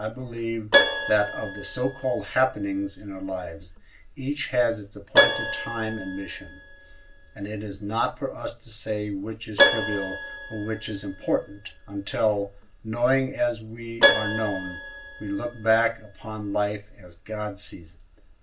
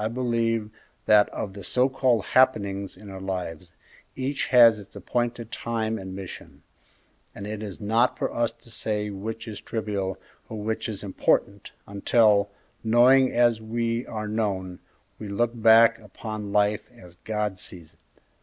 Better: second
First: background sound (Keyboard (musical)); 1 dB below the speech // room echo; dies away in 0.2 s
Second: none

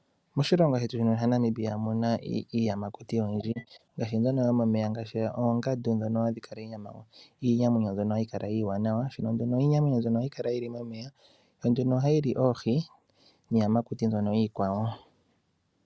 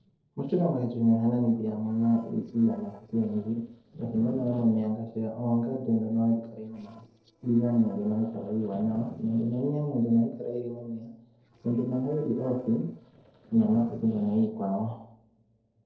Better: first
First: none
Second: noise reduction (neural separator model SepFormer DNS4)

